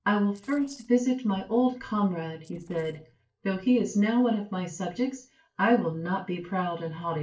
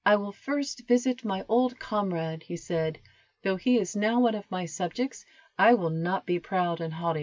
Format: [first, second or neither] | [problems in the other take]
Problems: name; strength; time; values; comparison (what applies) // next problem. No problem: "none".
second | noise reduction (neural separator model SepFormer DNS4)